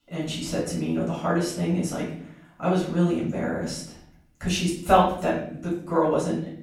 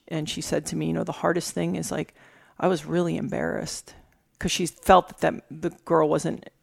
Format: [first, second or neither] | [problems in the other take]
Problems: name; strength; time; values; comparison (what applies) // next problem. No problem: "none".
second | off-mic speech; far // room echo; noticeable; dies away in 0.6 s